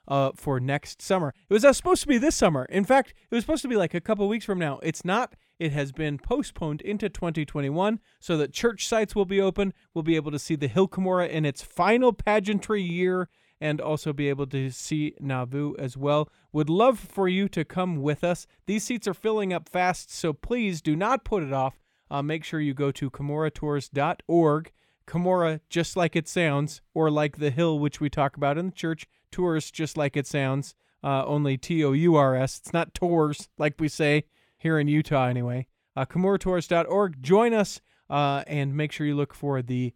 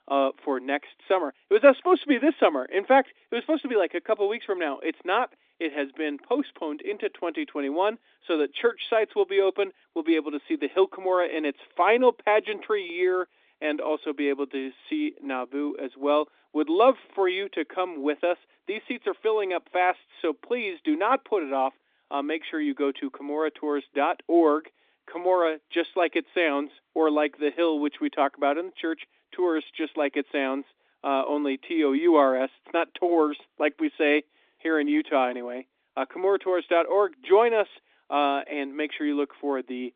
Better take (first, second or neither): first